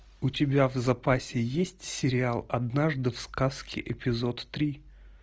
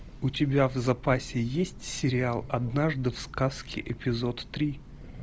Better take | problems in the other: first | background sound (Train); 15 dB below the speech

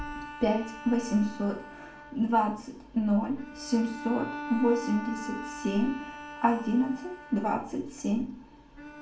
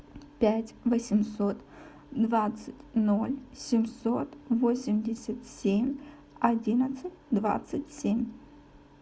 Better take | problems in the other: second | background sound (Bowed string instrument); 13 dB below the speech // room echo; dies away in 0.4 s

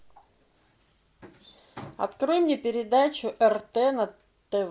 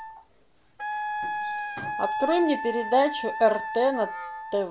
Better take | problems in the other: first | background sound (Wind instrument, woodwind instrument); 5 dB below the speech

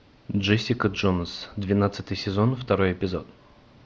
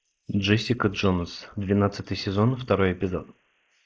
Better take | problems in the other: first | noise reduction (neural mask model Resemble Enhance denoiser)

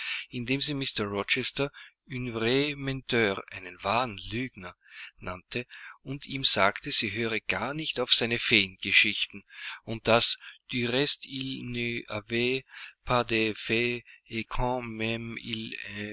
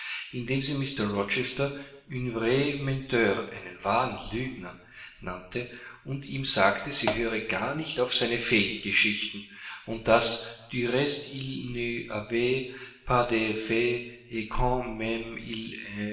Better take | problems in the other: first | background sound (Hi-hat); 4 dB below the speech // room echo; dies away in 1 s

